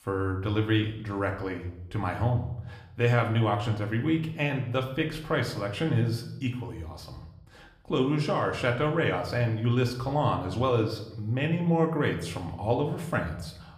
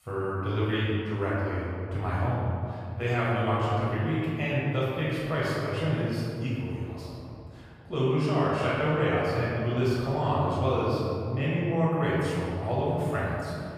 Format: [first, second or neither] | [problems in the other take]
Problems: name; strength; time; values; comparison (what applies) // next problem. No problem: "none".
first | room echo; strong; dies away in 2.2 s; slight in the first // off-mic speech; far; somewhat distant in the first